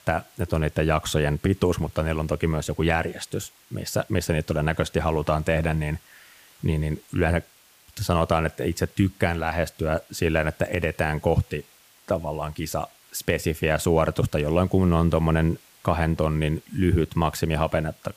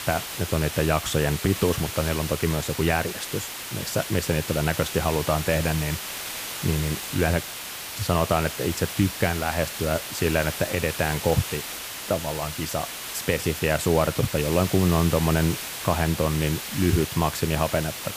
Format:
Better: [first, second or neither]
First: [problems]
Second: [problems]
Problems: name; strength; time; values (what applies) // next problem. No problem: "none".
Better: first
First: hiss; faint; throughout; 25 dB below the speech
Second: hiss; loud; throughout; 6 dB below the speech